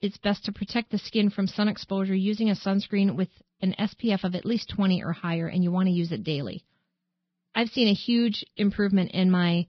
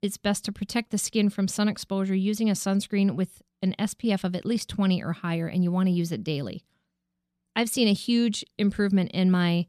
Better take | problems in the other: second | garbled, watery; badly; nothing above 5.5 kHz

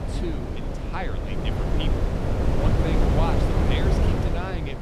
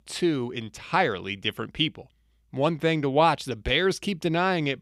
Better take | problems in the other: second | wind noise on the microphone; heavy; 3 dB above the speech

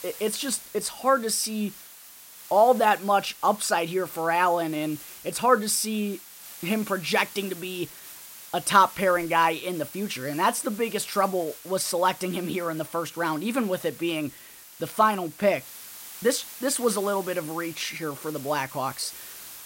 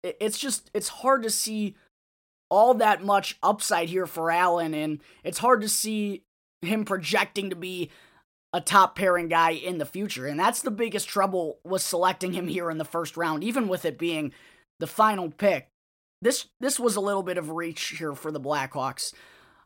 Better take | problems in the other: second | hiss; noticeable; throughout; 15 dB below the speech

